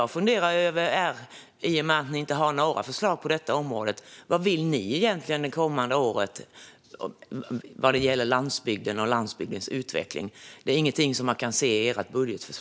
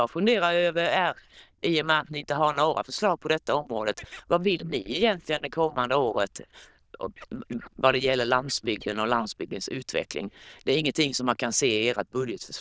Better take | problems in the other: first | noise reduction (neural diffusion model UNIVERSE++)

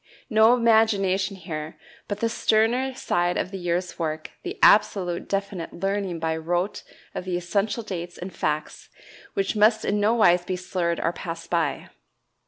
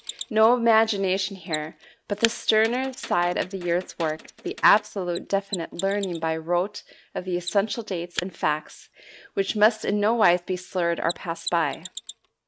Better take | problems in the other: first | noise reduction (neural mask model RNNoise)

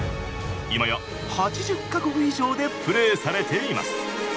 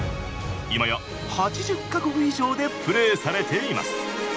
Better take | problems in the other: second | background sound (Wind instrument, woodwind instrument); 17 dB below the speech

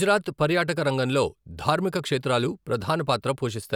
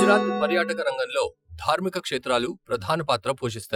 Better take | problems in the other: first | noise reduction (classical method Wiener filter)

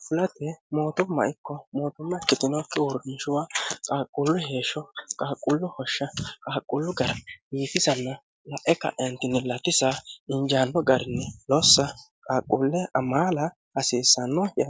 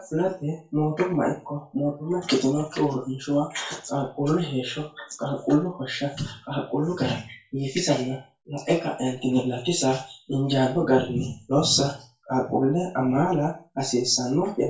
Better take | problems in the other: first | room echo; dies away in 0.3 s

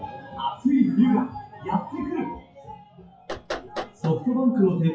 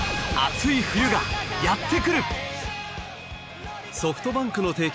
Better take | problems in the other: second | noise reduction (classical method WPE with log-MMSE)

